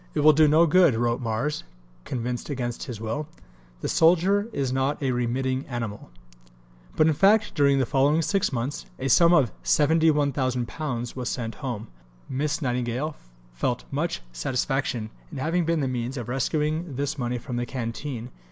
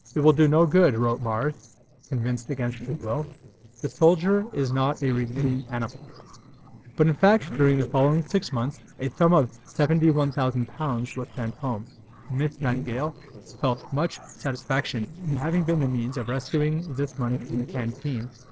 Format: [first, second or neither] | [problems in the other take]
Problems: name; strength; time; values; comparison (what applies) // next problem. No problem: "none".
first | noise reduction (neural separator model SepFormer DNS4)